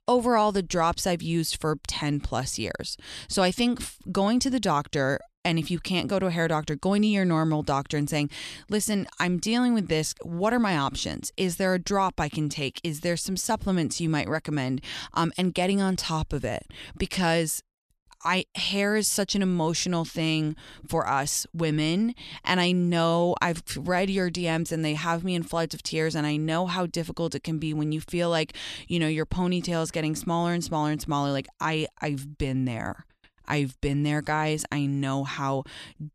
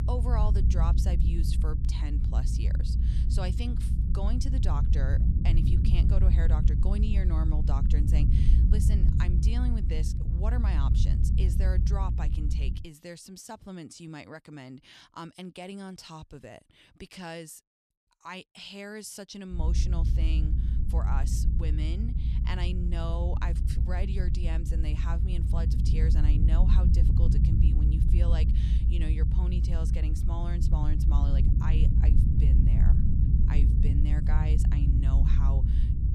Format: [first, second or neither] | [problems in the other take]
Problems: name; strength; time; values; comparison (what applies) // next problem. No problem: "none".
first | low rumble; loud; until 13 s and from 20 s on; 1 dB below the speech